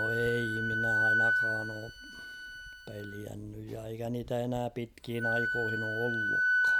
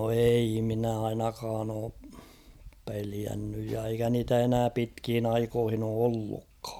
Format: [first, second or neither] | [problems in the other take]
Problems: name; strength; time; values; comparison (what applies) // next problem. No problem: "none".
second | background sound (Wind instrument, woodwind instrument); 4 dB above the speech